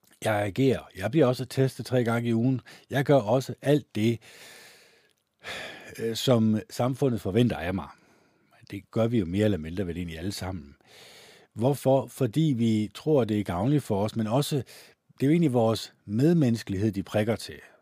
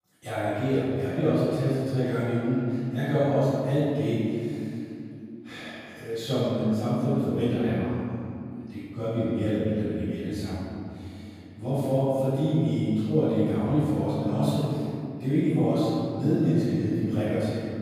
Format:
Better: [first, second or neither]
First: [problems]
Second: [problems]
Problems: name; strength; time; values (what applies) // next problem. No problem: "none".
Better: first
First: none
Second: off-mic speech; far // room echo; strong; dies away in 2.8 s